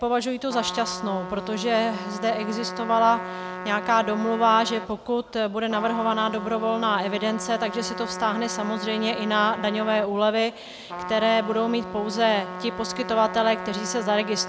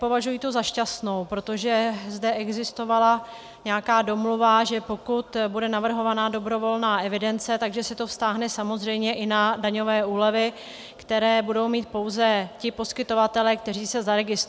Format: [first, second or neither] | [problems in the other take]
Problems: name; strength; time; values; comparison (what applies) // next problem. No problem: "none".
second | background sound (Trumpet); 10 dB below the speech